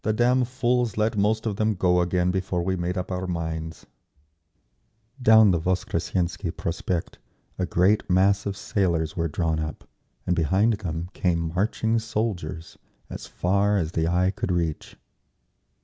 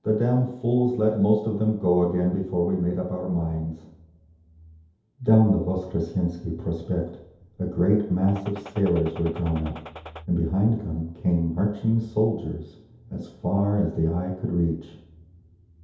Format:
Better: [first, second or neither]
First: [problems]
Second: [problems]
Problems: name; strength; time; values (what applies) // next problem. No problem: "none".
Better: first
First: none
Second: background sound (Gunshot, gunfire); 17 dB below the speech // room echo; dies away in 0.8 s